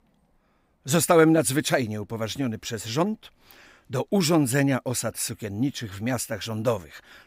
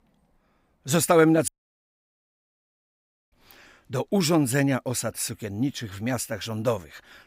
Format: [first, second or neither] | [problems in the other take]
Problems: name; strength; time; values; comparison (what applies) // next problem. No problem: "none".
first | audio cutting out; at 1.5 s for 2 s